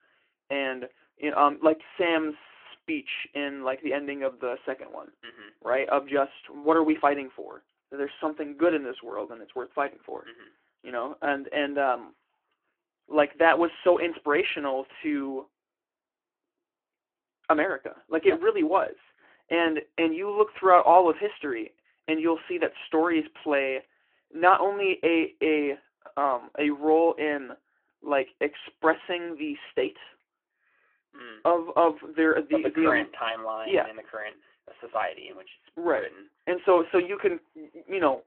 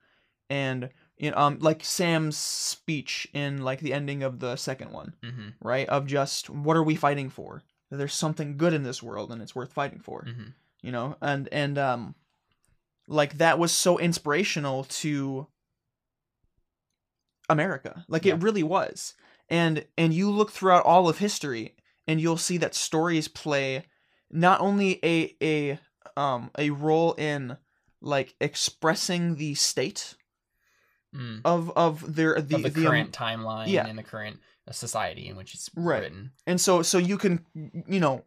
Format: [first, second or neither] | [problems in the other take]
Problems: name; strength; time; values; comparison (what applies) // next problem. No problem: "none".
second | phone-call audio